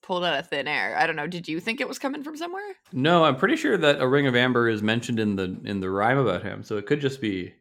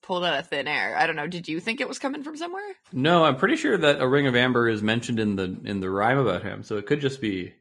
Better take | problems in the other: first | garbled, watery; slightly; nothing above 10 kHz

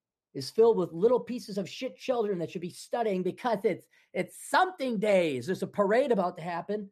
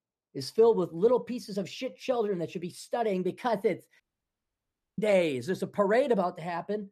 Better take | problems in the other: first | audio cutting out; at 4 s for 1 s

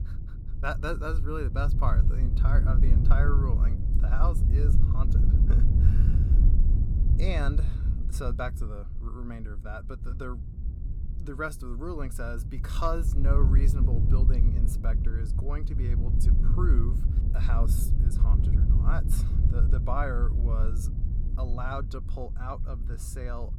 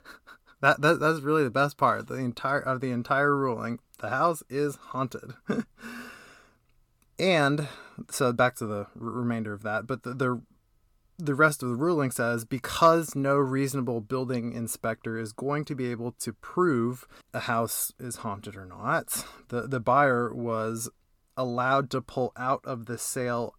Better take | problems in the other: second | wind noise on the microphone; heavy; 6 dB below the speech

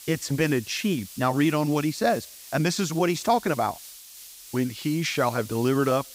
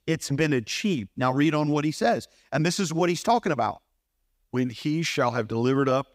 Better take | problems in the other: second | hiss; noticeable; throughout; 15 dB below the speech

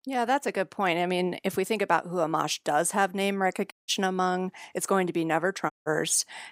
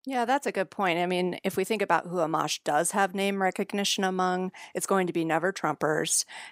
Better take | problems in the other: second | audio cutting out; at 3.5 s and at 5.5 s

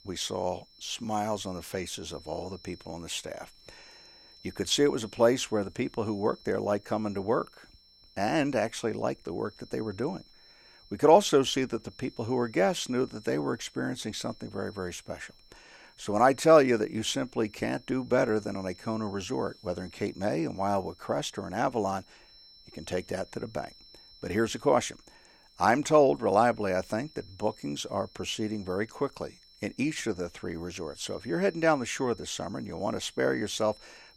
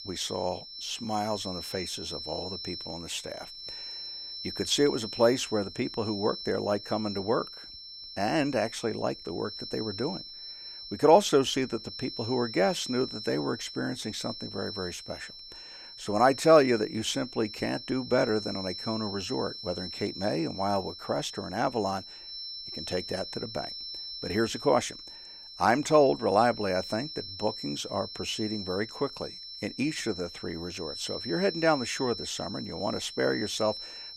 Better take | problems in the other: first | high-pitched whine; loud; throughout; 5.5 kHz, 9 dB below the speech; faint in the first

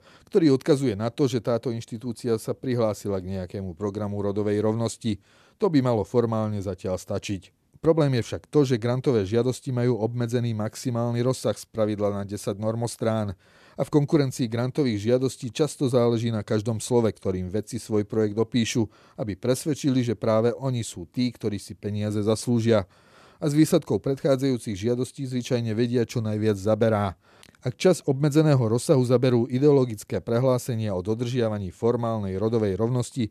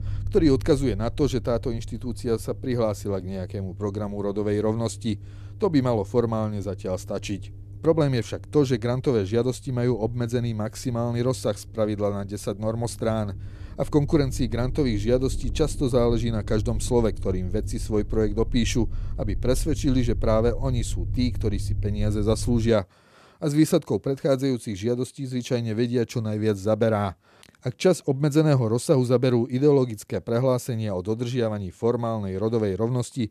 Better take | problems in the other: first | low rumble; faint; until 23 s; 25 dB below the speech

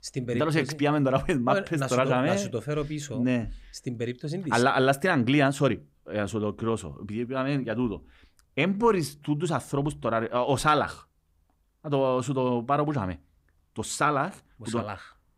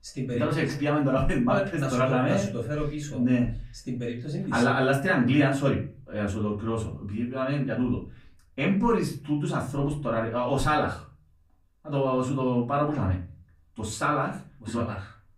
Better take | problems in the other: first | off-mic speech; far // room echo; slight; dies away in 0.3 s

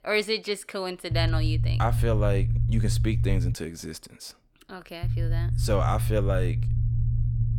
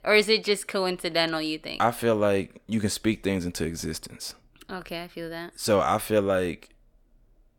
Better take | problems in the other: second | low rumble; loud; from 1 to 3.5 s and from 5 s on; 10 dB below the speech

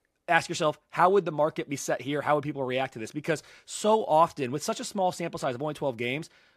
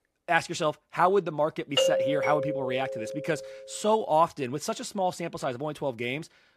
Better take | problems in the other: first | doorbell; loud; from 2 to 3.5 s; peak 4 dB above the speech

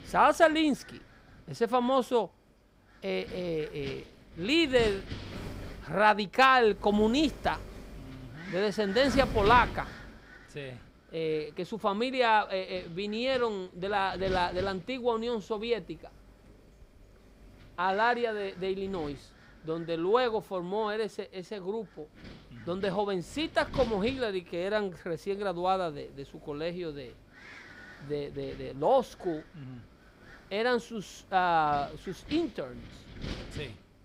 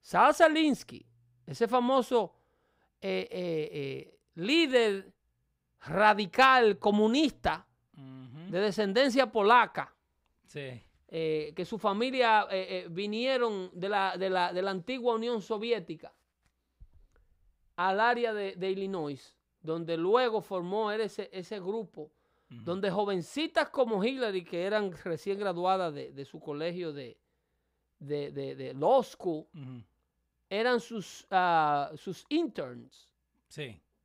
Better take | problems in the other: second | wind noise on the microphone; occasional gusts; 20 dB below the speech

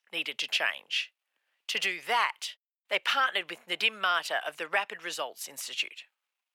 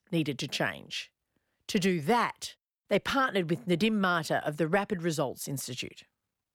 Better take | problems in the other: second | thin; very; fading below 850 Hz

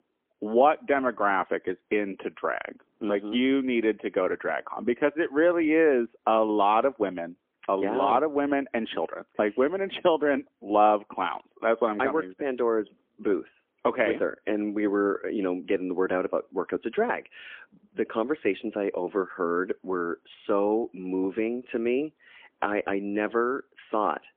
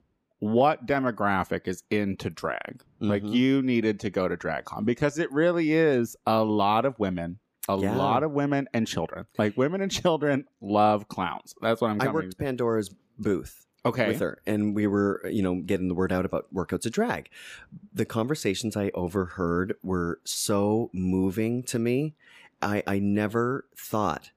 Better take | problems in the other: second | phone-call audio; poor line; nothing above 3.5 kHz

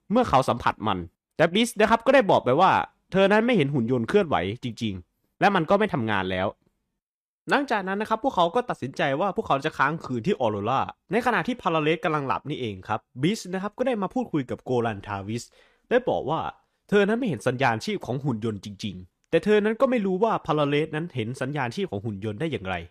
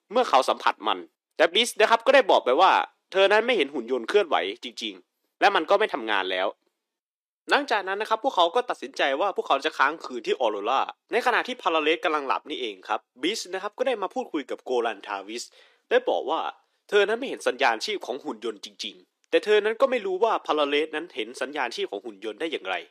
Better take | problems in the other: first | thin; somewhat; fading below 300 Hz

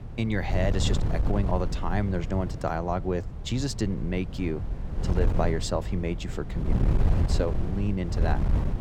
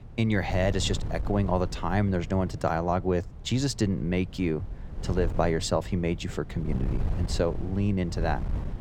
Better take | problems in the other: second | wind noise on the microphone; heavy; 8 dB below the speech; occasional gusts in the second

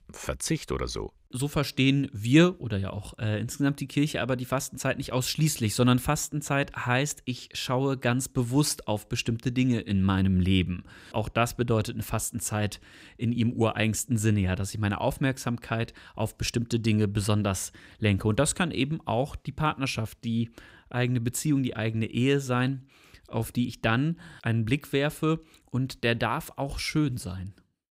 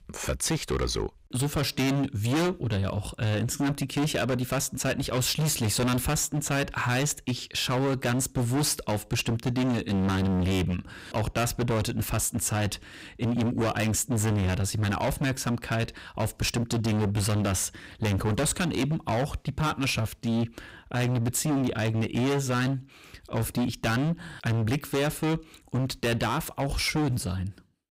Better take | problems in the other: first | distortion; heavy; 23% of the sound clipped

